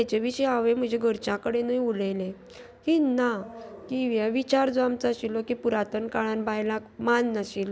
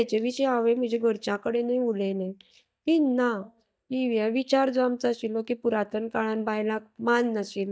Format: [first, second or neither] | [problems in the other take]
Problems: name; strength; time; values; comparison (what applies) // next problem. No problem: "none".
first | noise reduction (neural mask model DeepFilterNet 3)